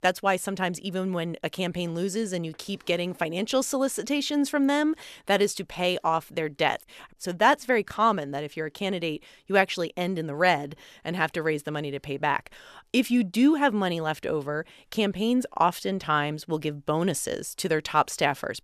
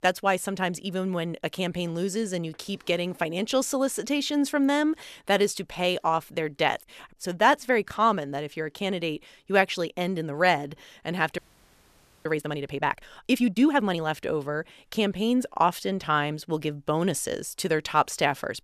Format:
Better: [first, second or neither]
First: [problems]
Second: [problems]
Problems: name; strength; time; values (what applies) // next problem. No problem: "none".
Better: first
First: none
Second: audio freezing; at 11 s for 1 s